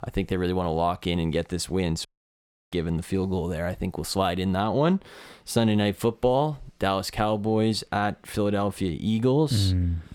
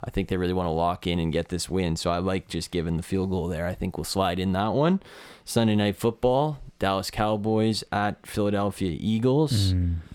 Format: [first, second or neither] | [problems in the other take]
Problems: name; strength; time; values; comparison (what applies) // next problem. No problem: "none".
second | audio cutting out; at 2 s for 0.5 s